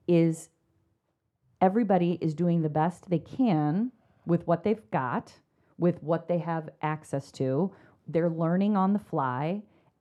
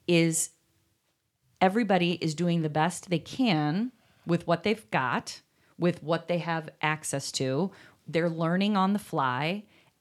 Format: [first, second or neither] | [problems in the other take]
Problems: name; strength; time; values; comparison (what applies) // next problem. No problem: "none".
second | muffled; very; fading above 1.5 kHz